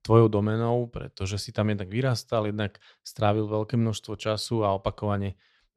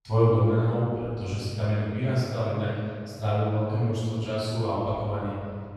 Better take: first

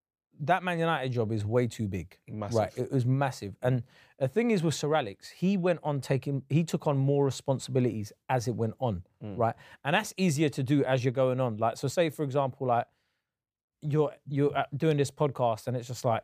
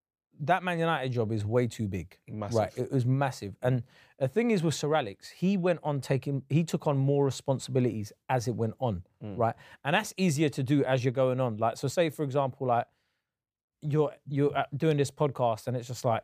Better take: neither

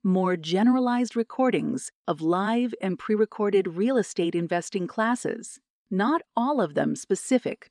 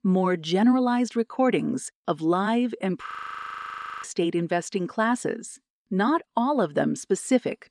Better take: first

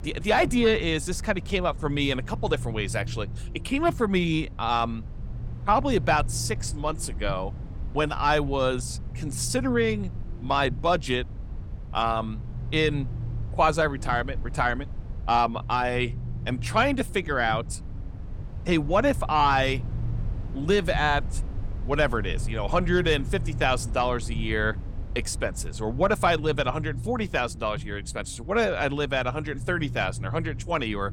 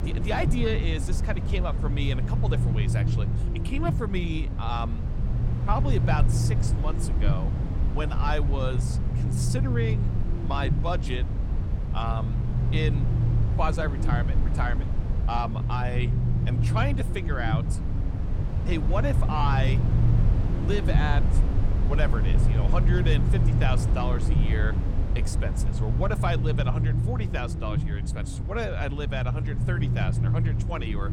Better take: first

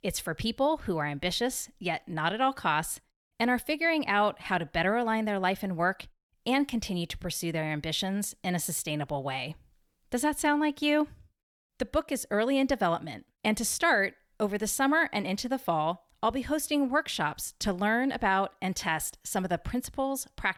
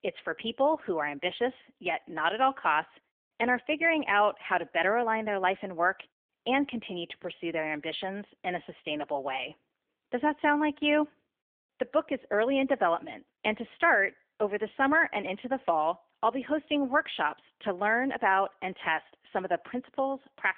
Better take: first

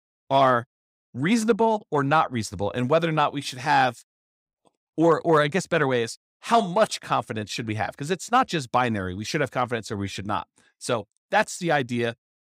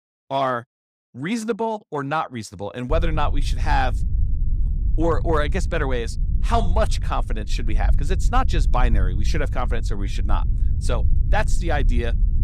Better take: first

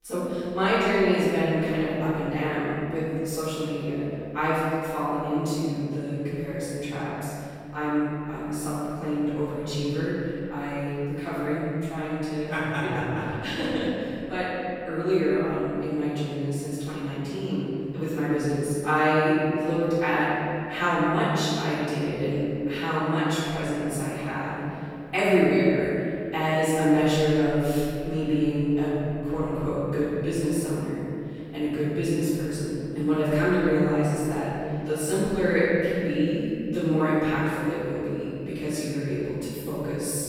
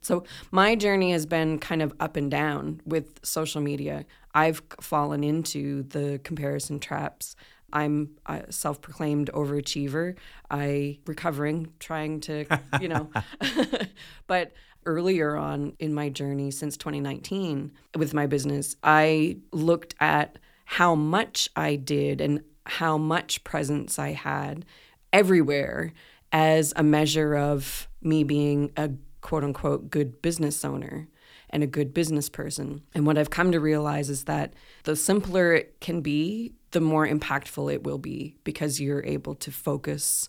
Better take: second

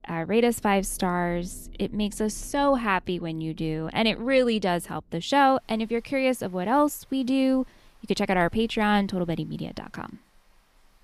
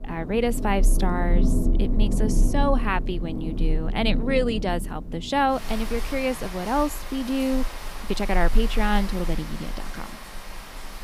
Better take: first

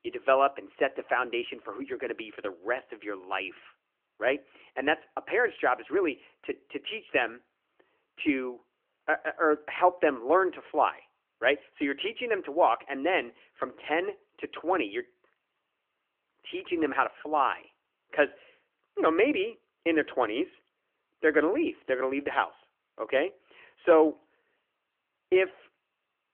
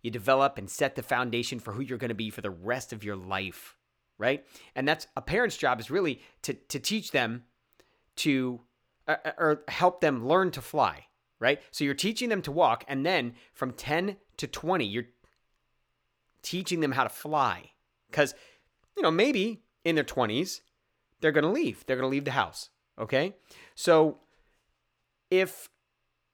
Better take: second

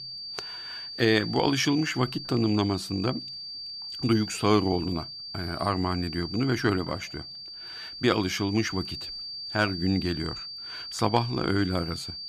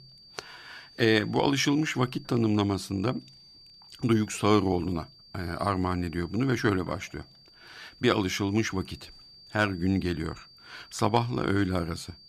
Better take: second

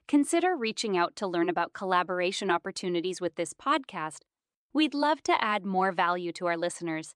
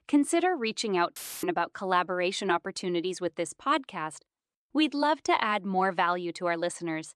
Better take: first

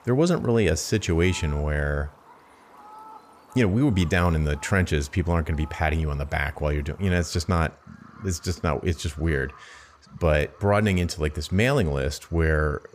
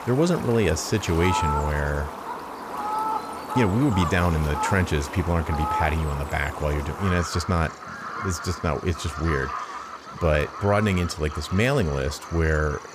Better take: first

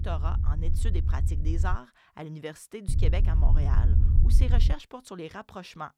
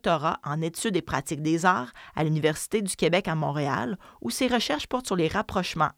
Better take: second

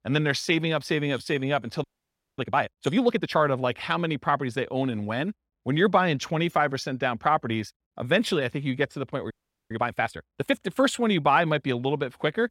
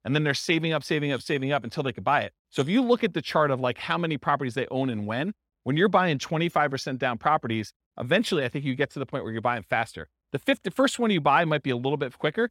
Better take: second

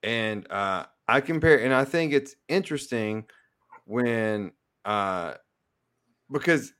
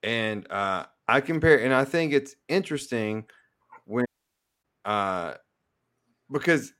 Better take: first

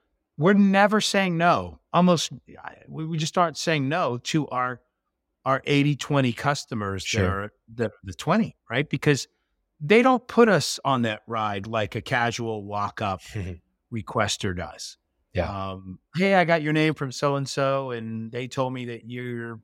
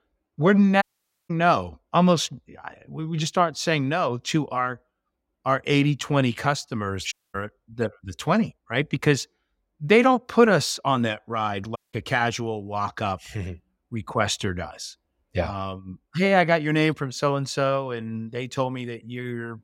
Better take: first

